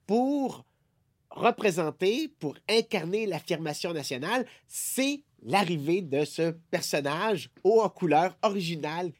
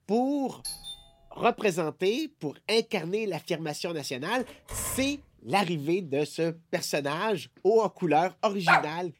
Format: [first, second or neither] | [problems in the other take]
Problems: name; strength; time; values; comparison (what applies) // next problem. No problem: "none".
first | doorbell; noticeable; at 0.5 s; peak 7 dB below the speech // door banging; faint; at 4.5 s; peak 10 dB below the speech // dog barking; loud; at 8.5 s; peak 5 dB above the speech